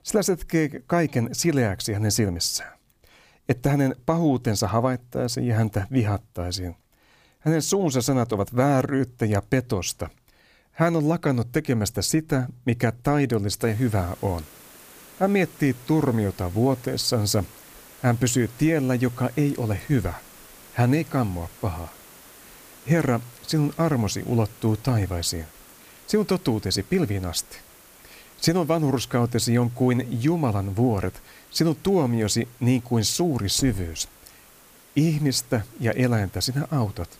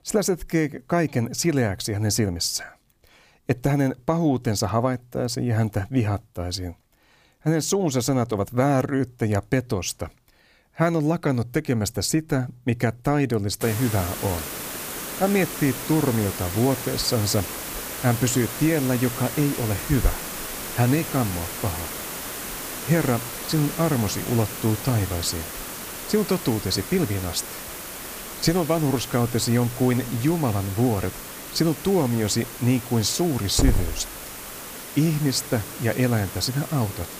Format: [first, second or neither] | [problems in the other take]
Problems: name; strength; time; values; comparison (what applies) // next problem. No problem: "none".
first | hiss; loud; from 14 s on; 7 dB below the speech; faint in the first